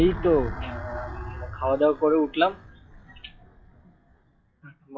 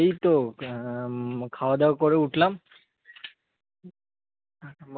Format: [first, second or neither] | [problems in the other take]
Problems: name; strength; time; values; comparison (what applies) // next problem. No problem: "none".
second | noise reduction (classical method log-MMSE)